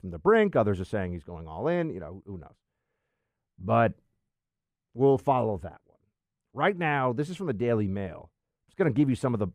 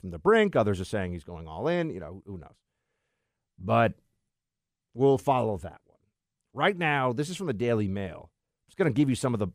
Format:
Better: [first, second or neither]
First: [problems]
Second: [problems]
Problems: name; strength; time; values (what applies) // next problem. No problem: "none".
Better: second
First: muffled; slightly; fading above 2.5 kHz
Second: none